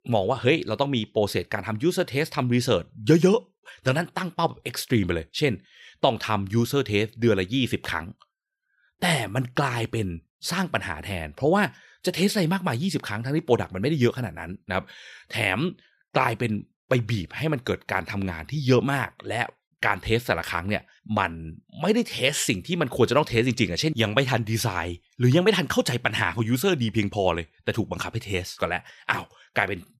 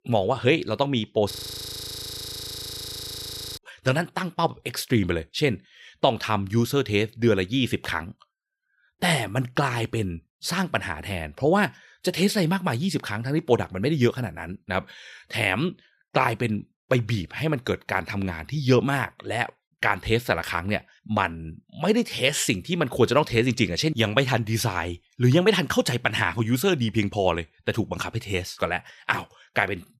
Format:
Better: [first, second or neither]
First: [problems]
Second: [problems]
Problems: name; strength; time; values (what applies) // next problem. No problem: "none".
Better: first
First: none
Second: audio freezing; at 1.5 s for 2.5 s